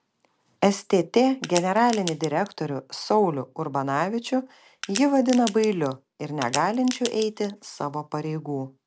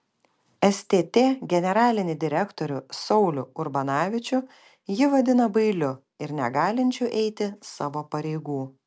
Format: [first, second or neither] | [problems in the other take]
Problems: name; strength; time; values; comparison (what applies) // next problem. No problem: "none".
second | background sound (Crack); 12 dB below the speech